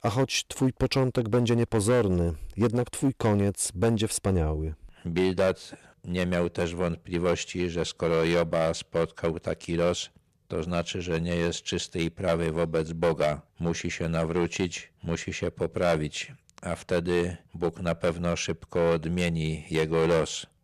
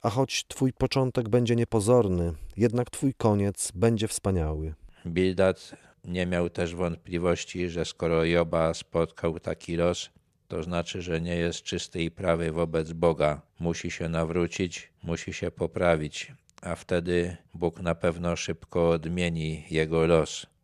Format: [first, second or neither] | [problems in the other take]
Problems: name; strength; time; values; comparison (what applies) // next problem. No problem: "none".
second | distortion; slight; 5% of the sound clipped